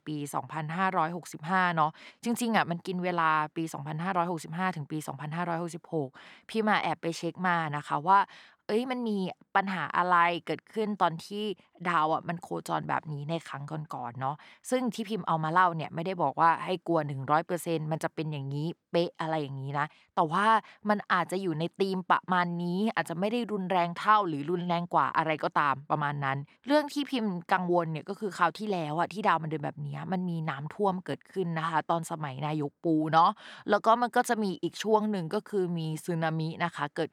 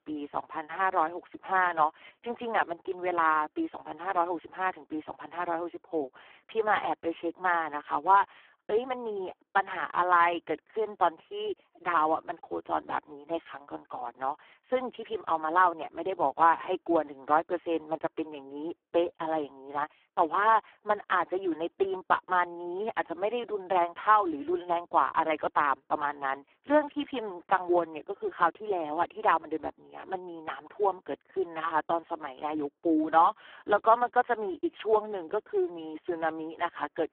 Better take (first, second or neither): first